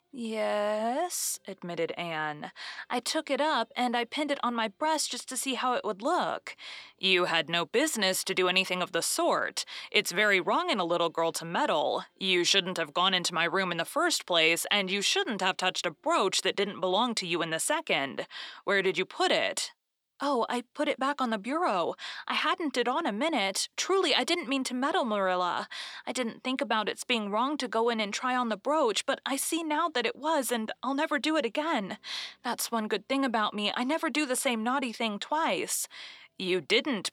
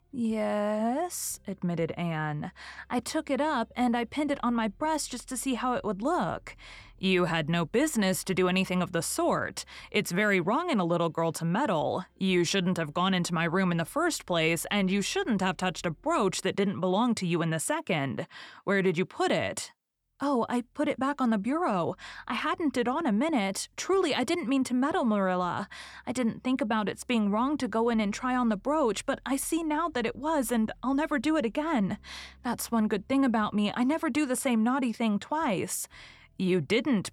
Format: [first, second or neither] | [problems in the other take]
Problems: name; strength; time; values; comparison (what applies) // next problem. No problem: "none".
second | thin; somewhat; fading below 350 Hz